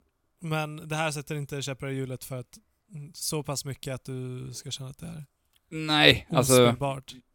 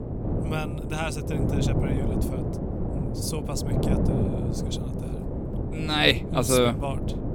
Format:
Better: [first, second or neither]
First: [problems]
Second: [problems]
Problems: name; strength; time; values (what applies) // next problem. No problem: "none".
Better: first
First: none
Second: wind noise on the microphone; heavy; 8 dB below the speech